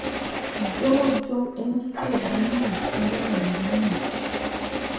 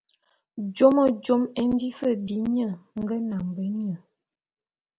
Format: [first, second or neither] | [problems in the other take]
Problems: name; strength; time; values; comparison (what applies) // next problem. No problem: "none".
second | background sound (Engine starting); 2 dB below the speech // room echo; dies away in 0.7 s